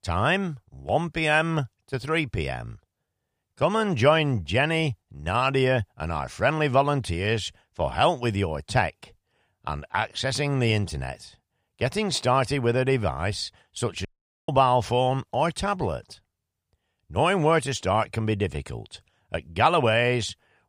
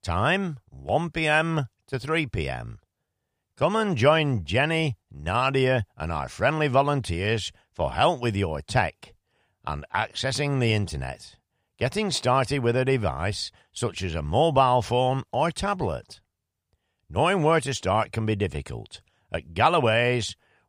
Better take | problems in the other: second | audio cutting out; at 14 s

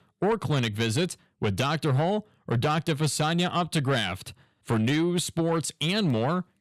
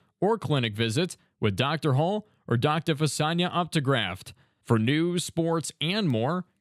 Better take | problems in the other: second | distortion; slight; 10 dB below the speech

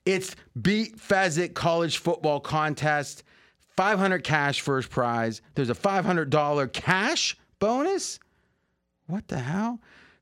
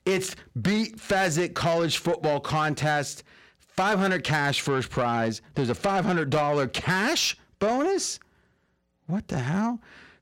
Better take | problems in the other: first | distortion; slight; 10 dB below the speech

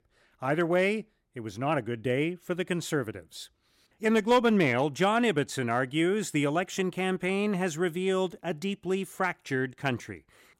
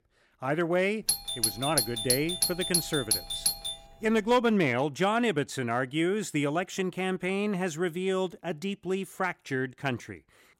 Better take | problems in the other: first | doorbell; loud; from 1 to 3.5 s; peak 4 dB above the speech

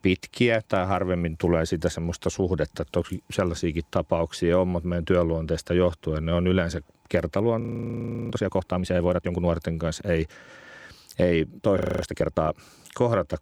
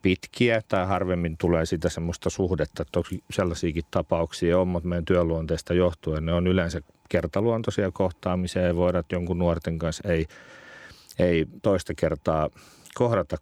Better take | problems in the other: second | audio freezing; at 7.5 s for 0.5 s and at 12 s

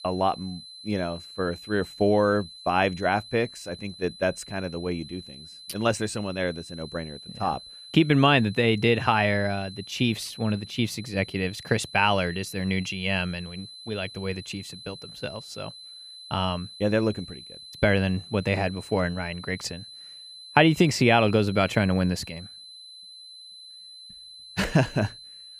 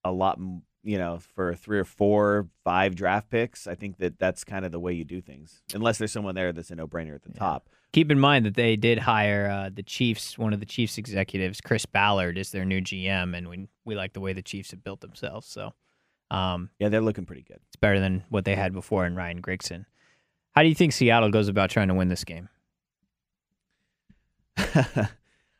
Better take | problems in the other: second | high-pitched whine; noticeable; throughout; 4 kHz, 15 dB below the speech

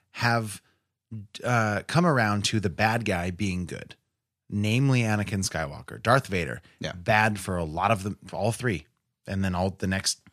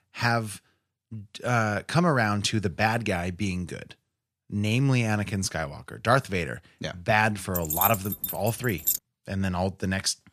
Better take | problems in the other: first | jangling keys; loud; from 7.5 to 9 s; peak 2 dB above the speech

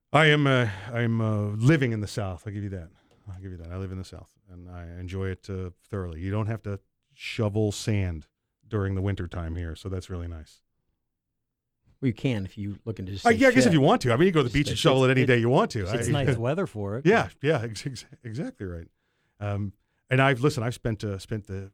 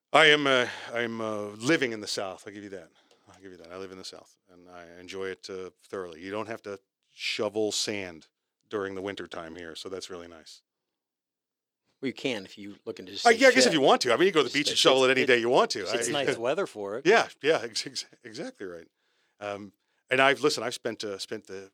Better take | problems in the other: first | thin; somewhat; fading below 400 Hz

